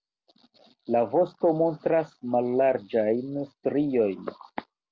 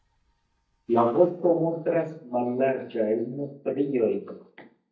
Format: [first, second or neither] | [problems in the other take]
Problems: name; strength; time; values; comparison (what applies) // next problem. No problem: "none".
first | noise reduction (neural mask model DeepFilterNet 3)